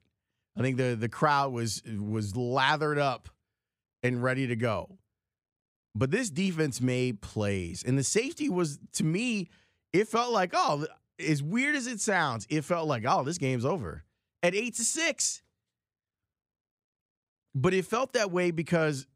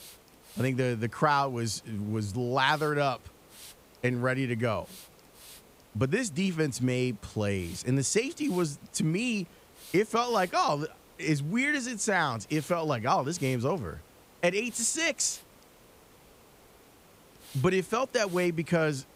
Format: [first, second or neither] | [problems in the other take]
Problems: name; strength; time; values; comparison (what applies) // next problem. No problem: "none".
first | hiss; faint; throughout; 25 dB below the speech